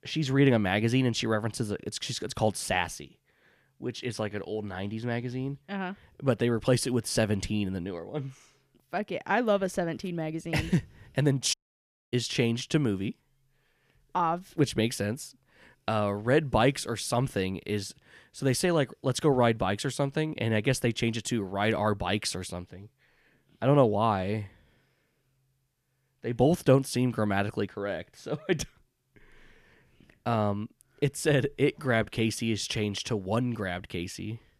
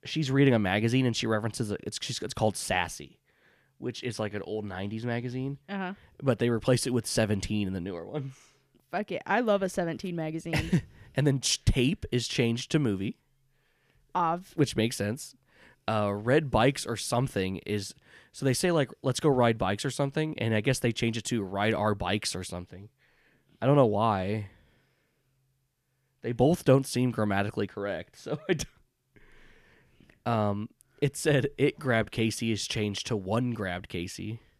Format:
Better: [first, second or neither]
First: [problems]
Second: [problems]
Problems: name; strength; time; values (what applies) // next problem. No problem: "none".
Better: second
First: audio cutting out; at 12 s for 0.5 s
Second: none